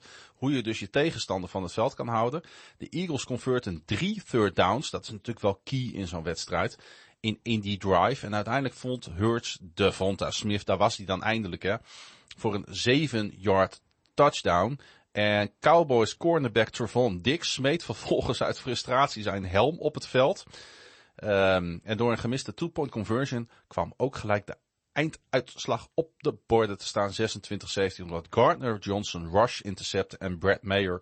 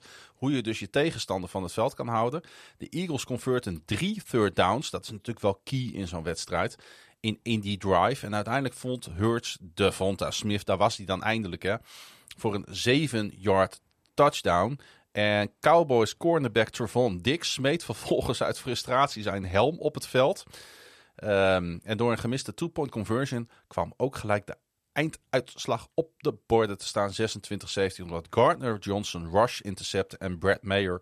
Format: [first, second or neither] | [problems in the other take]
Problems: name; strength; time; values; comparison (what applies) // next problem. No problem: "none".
second | garbled, watery; slightly; nothing above 8 kHz